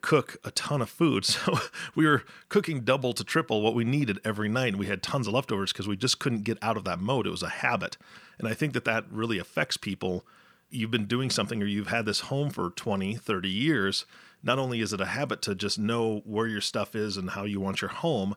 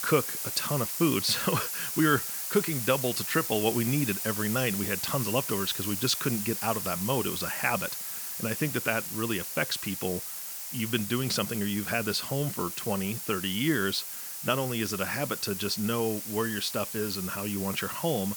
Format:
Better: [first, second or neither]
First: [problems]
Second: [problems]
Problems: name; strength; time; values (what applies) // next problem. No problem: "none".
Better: first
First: none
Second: hiss; loud; throughout; 3 dB below the speech